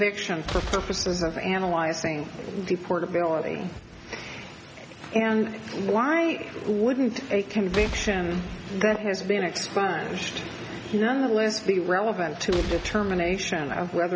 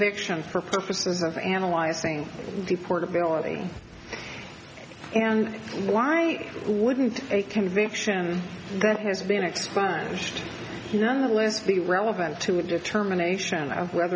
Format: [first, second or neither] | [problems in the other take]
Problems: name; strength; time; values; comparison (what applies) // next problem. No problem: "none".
second | background sound (Boom); 9 dB below the speech